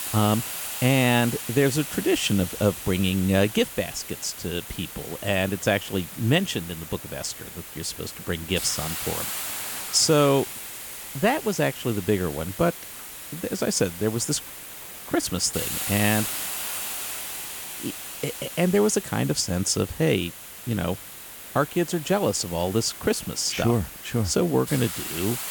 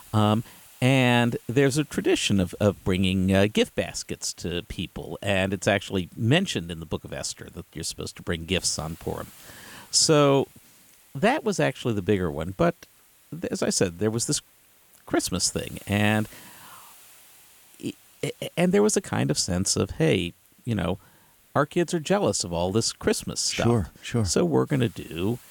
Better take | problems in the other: second | hiss; loud; throughout; 8 dB below the speech; faint in the second

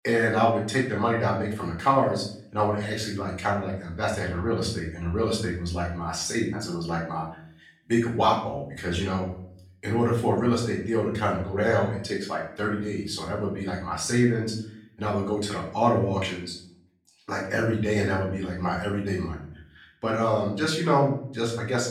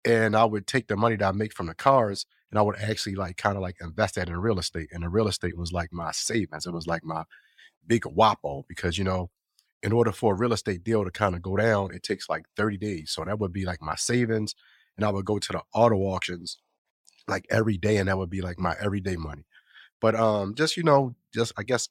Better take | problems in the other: second | off-mic speech; far // room echo; noticeable; dies away in 0.5 s

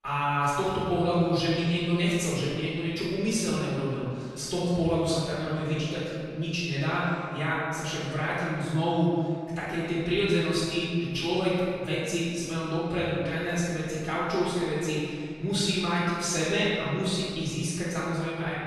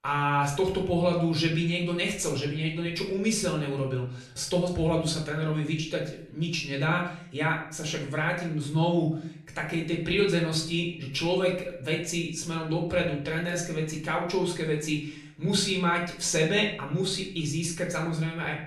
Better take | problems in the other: second | room echo; strong; dies away in 2 s; slight in the second // off-mic speech; far; somewhat distant in the second

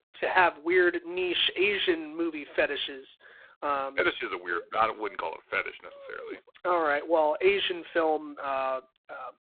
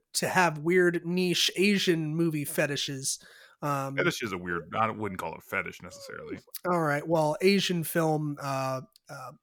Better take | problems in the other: second | phone-call audio; poor line

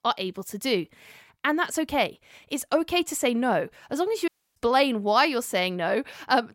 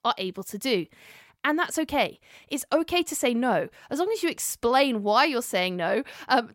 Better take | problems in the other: second | audio cutting out; at 4.5 s

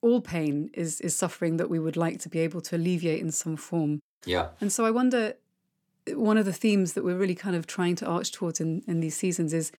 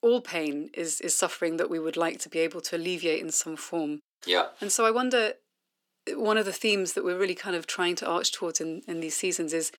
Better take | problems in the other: first | thin; somewhat; fading below 350 Hz

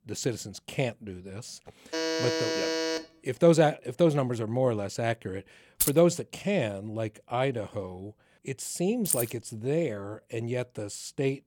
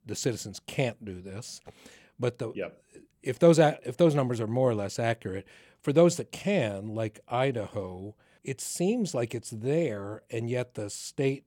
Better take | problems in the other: second | alarm; loud; from 2 to 3 s; peak 1 dB above the speech // jangling keys; loud; at 6 s and at 9 s; peak 1 dB above the speech

